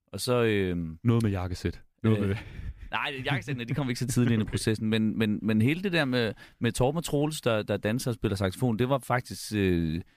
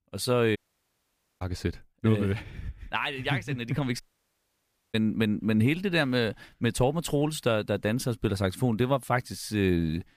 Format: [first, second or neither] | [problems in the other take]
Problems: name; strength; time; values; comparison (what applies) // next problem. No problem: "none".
first | audio cutting out; at 0.5 s for 1 s and at 4 s for 1 s